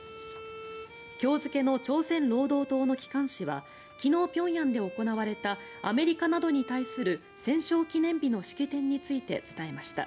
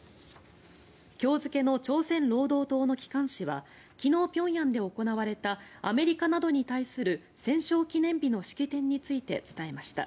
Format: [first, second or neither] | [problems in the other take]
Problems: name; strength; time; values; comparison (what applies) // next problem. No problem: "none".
second | background sound (Bowed string instrument); 17 dB below the speech